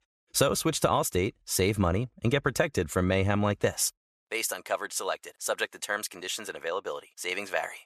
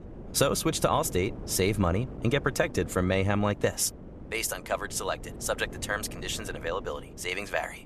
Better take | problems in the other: first | wind noise on the microphone; occasional gusts; 20 dB below the speech

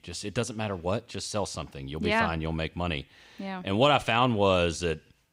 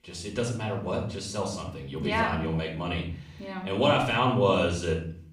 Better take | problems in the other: first | off-mic speech; far // room echo; noticeable; dies away in 0.6 s

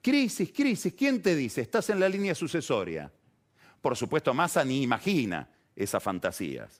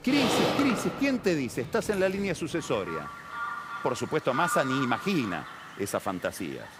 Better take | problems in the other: first | animal sounds; loud; throughout; 4 dB below the speech

